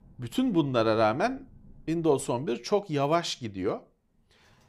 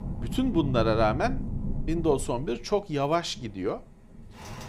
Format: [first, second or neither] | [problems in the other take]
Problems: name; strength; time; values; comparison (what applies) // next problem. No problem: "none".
first | rain or running water; loud; throughout; 7 dB below the speech; faint in the first